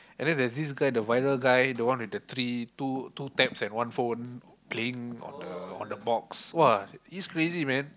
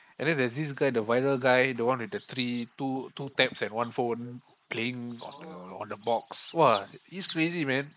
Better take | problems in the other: first | noise reduction (neural mask model Resemble Enhance denoiser)

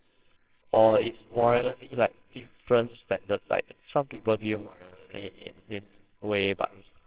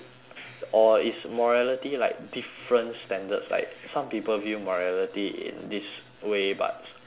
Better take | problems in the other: second | noise reduction (neural separator model SepFormer WHAMR!)

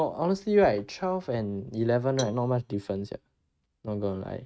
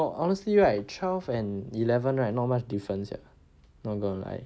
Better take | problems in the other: second | noise reduction (neural mask model RNNoise)

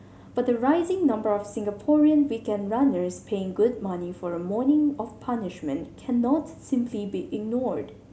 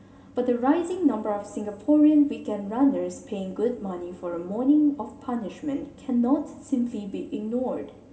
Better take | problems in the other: first | room echo; dies away in 2.6 s

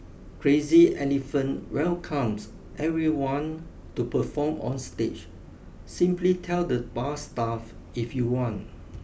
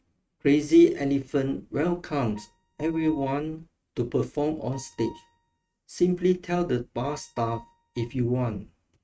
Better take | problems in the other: first | noise reduction (neural mask model RNNoise)

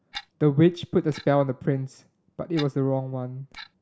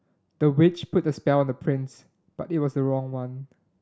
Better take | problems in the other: second | background sound (Clock); 19 dB below the speech

